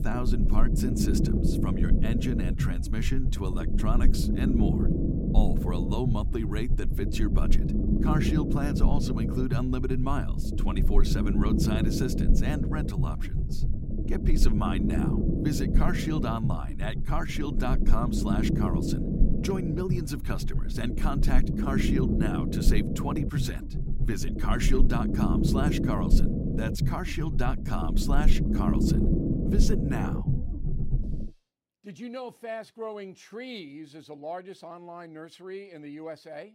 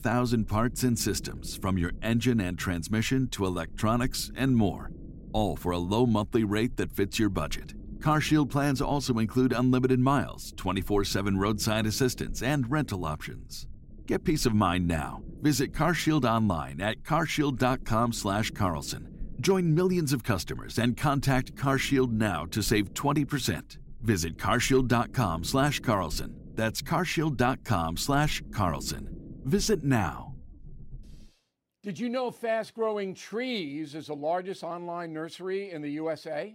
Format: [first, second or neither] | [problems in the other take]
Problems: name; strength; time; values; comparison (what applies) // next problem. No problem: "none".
second | low rumble; loud; until 31 s; 1 dB below the speech; faint in the second